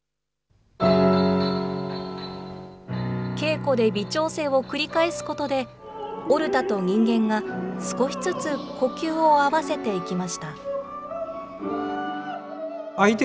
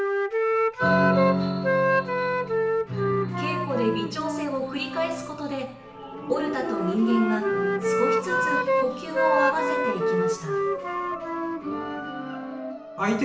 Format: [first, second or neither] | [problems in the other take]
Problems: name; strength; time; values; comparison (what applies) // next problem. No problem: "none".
first | background sound (Wind instrument, woodwind instrument); 2 dB above the speech // room echo; dies away in 0.8 s